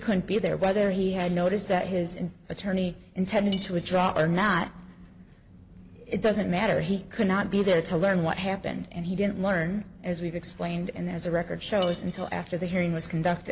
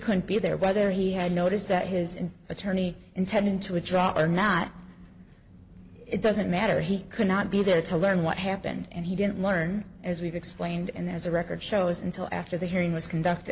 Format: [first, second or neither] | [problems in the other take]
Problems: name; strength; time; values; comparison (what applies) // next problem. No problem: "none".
second | background sound (Cutlery, silverware / Dishes, pots, and pans); 17 dB below the speech